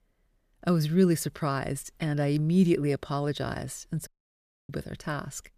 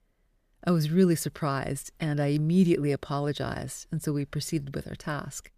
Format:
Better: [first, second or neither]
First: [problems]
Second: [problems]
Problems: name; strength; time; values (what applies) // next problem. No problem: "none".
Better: second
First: audio cutting out; at 4 s for 0.5 s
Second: none